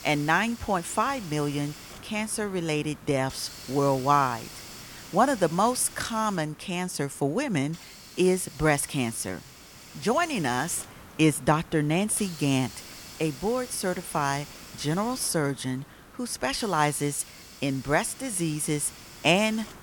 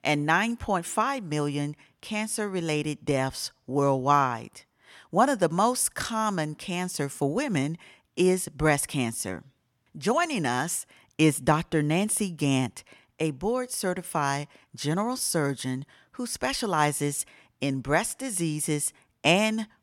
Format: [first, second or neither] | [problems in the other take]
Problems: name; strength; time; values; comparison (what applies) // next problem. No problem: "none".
second | hiss; noticeable; throughout; 15 dB below the speech